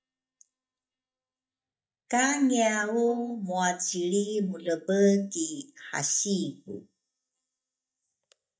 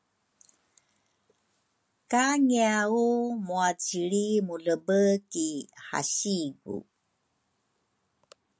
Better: second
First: noise reduction (neural mask model DeepFilterNet 3)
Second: none

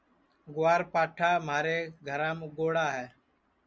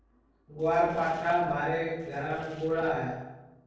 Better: first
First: none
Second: noise reduction (neural separator model SepFormer DNS4)

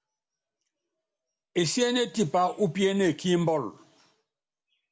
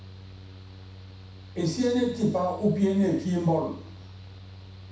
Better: first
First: none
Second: background sound (Mechanical fan); 16 dB below the speech // room echo; dies away in 0.7 s

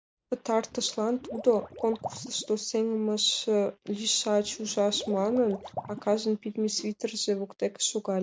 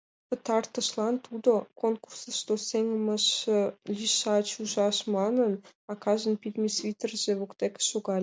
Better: second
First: background sound (Liquid); 16 dB below the speech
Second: none

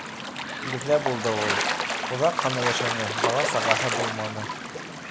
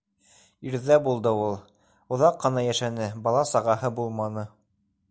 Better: second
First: background sound (Gull, seagull / Waves, surf); 1 dB above the speech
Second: none

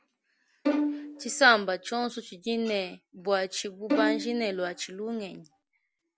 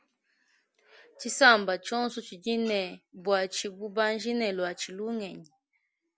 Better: second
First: background sound (Bowed string instrument); 4 dB below the speech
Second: none

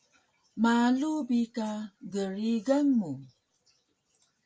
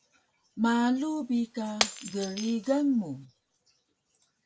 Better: first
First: none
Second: background sound (Shatter); 8 dB below the speech

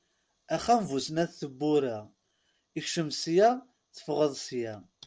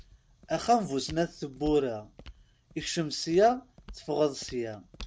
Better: first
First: none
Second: background sound (Walk, footsteps); 20 dB below the speech

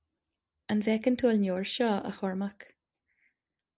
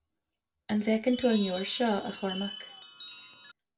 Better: first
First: none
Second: background sound (Chime); 13 dB below the speech // room echo; dies away in 0.2 s

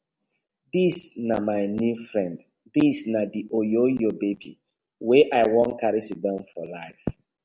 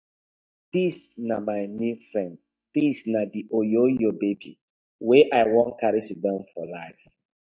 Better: first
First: none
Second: noise reduction (neural mask model DeepFilterNet 3)

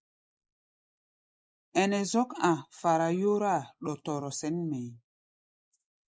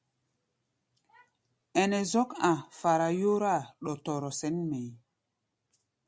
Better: second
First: noise reduction (neural mask model Resemble Enhance denoiser)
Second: none

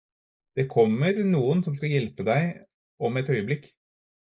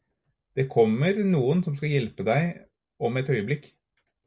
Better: second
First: noise reduction (neural mask model Resemble Enhance denoiser)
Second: none

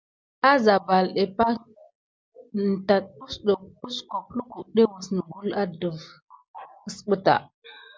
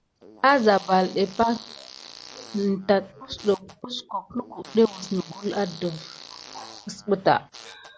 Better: first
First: none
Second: background sound (Fart); 19 dB below the speech

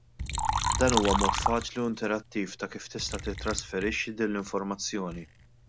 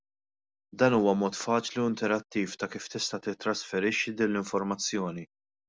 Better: second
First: background sound (Liquid); 2 dB below the speech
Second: none

